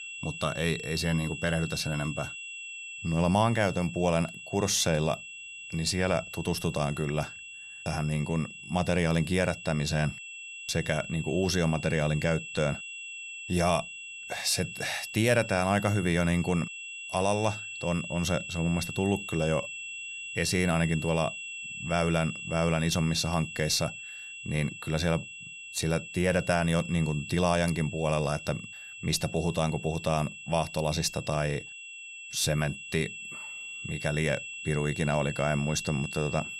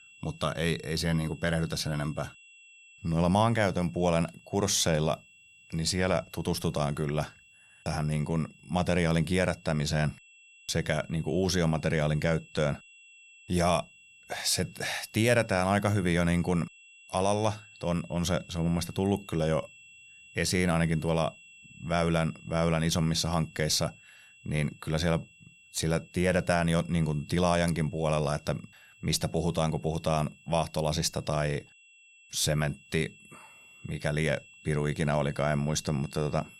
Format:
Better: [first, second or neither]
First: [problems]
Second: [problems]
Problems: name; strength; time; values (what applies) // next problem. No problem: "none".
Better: second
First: high-pitched whine; loud; throughout; 2.5 kHz, 10 dB below the speech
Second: high-pitched whine; faint; throughout; 2.5 kHz, 25 dB below the speech